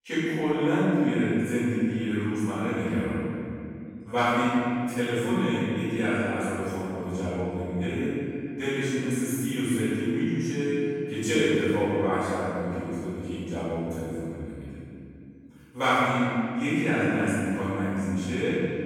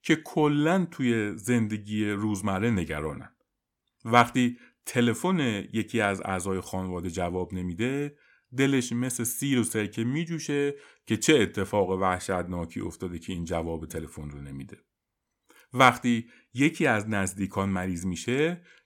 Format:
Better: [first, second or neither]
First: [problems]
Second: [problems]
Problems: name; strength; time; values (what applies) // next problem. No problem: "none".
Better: second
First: off-mic speech; far // room echo; strong; dies away in 2.4 s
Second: none